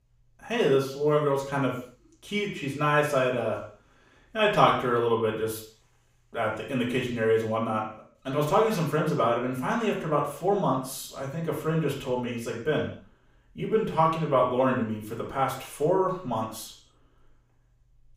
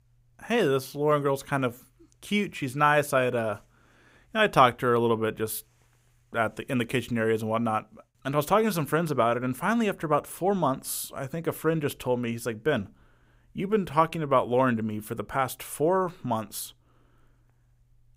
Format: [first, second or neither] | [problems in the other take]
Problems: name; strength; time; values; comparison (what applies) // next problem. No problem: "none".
second | room echo; noticeable; dies away in 0.5 s // off-mic speech; far